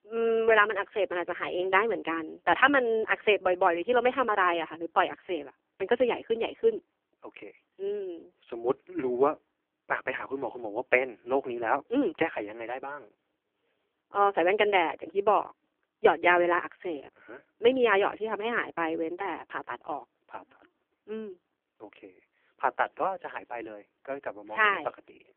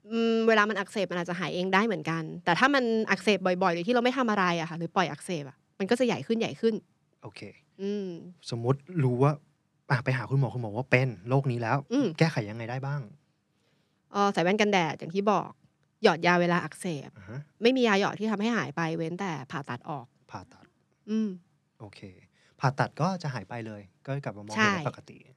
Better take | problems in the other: second | phone-call audio; poor line; nothing above 3 kHz

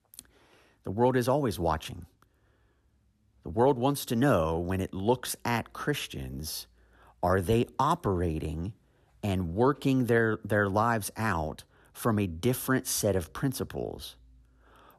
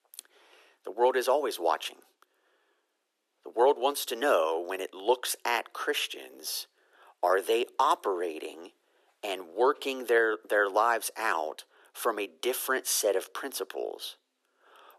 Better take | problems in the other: first | thin; very; fading below 350 Hz

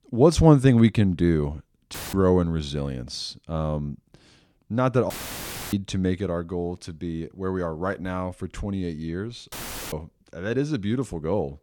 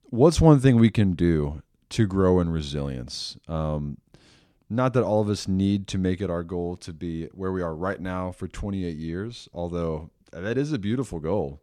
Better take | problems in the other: second | audio cutting out; filled with static; at 2 s, at 5 s for 0.5 s and at 9.5 s

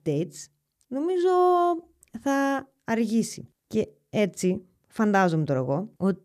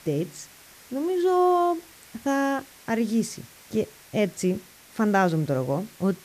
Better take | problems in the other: first | hiss; faint; throughout; 20 dB below the speech

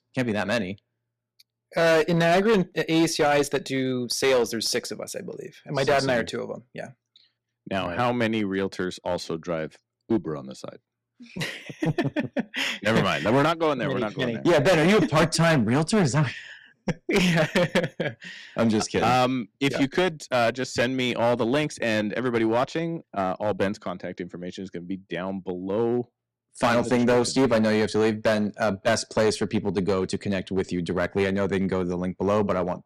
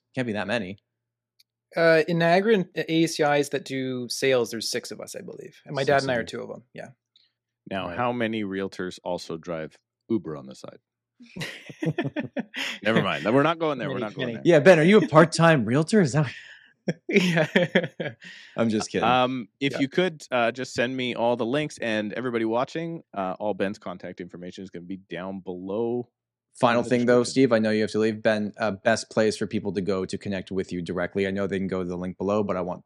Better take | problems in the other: second | distortion; heavy; 7% of the sound clipped

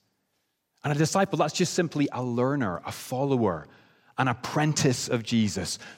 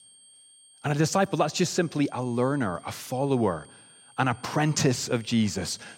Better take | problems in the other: first | high-pitched whine; faint; throughout; 8.5 kHz, 25 dB below the speech

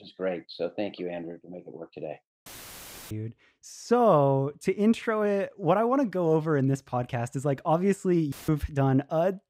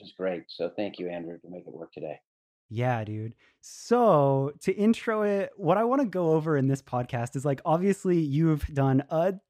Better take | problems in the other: second | audio cutting out; filled with static; at 2.5 s for 0.5 s and at 8.5 s

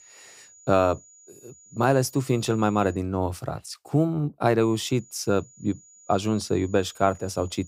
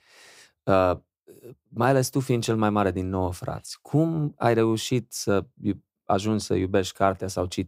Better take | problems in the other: second | high-pitched whine; faint; until 3 s and from 4.5 s on; 7 kHz, 25 dB below the speech

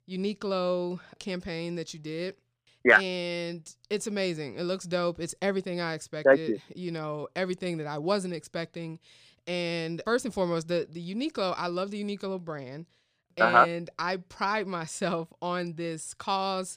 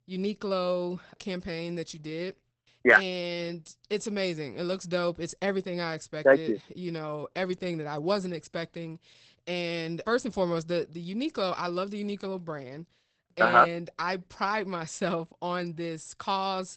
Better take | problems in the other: first | garbled, watery; badly; nothing above 8 kHz

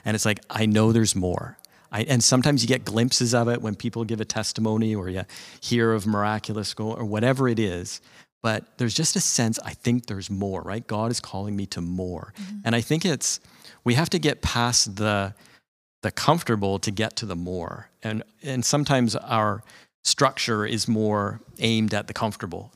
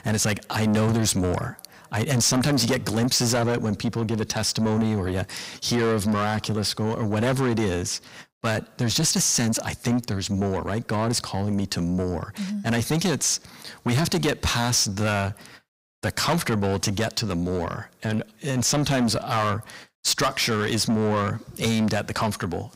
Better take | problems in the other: first | distortion; heavy; 6 dB below the speech

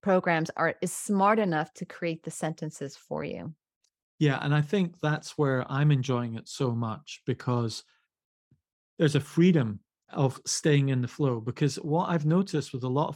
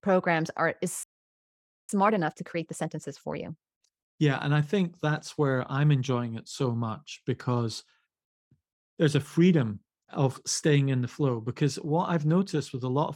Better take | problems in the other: first | audio freezing; at 1 s for 1 s

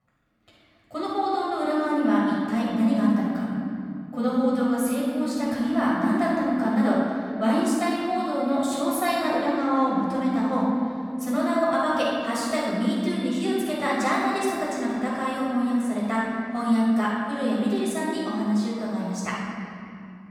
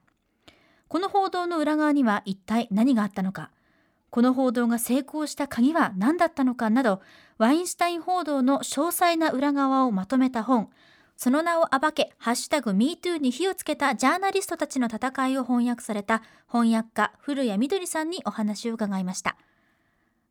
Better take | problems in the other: second | off-mic speech; far // room echo; strong; dies away in 2.8 s

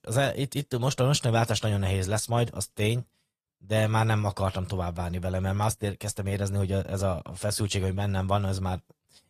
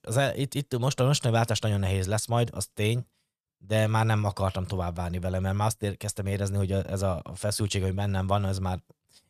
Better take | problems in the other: second | garbled, watery; slightly; nothing above 14.5 kHz

